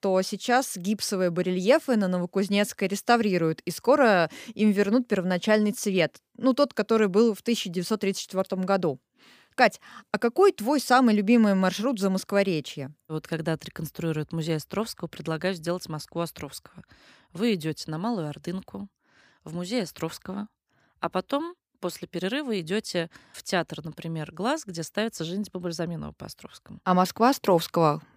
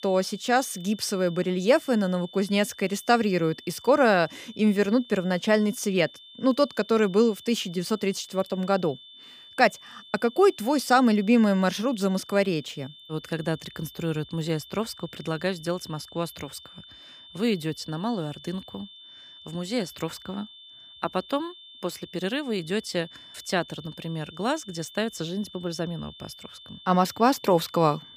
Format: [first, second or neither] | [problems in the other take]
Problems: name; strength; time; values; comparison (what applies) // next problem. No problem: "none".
first | high-pitched whine; noticeable; throughout; 3.5 kHz, 20 dB below the speech